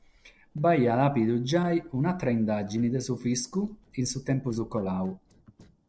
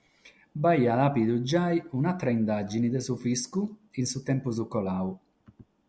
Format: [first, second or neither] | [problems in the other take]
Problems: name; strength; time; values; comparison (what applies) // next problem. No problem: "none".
second | noise reduction (neural separator model SepFormer DNS4)